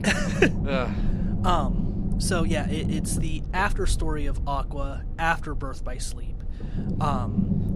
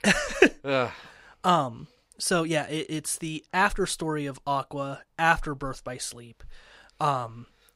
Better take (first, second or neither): second